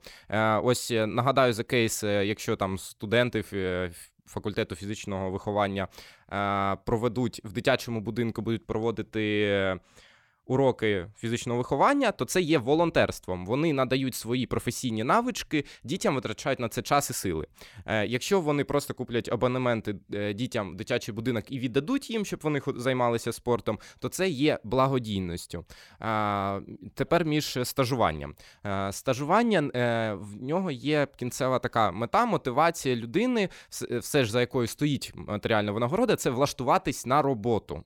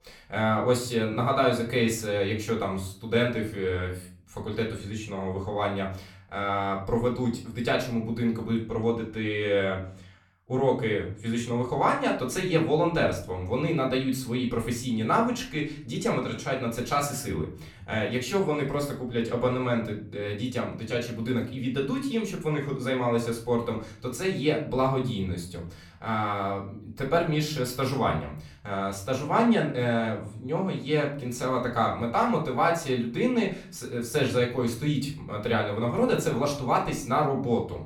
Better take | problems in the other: first | off-mic speech; far // room echo; slight; dies away in 0.4 s

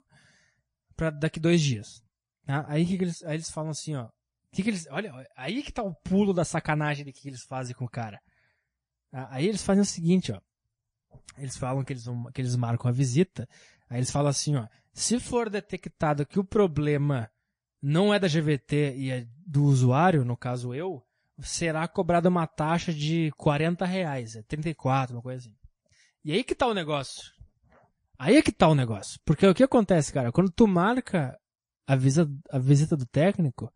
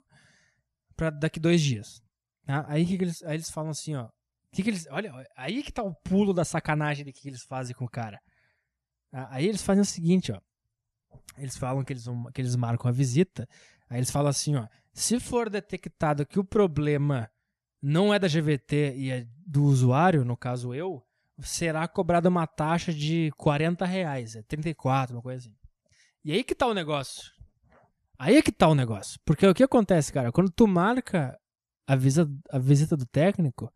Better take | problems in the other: second | garbled, watery; slightly

